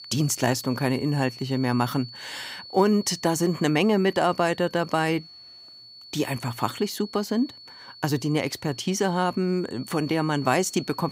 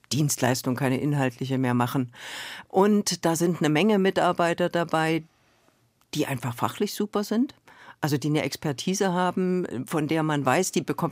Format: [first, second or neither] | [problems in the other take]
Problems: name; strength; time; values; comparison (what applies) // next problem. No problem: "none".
second | high-pitched whine; noticeable; throughout; 4.5 kHz, 15 dB below the speech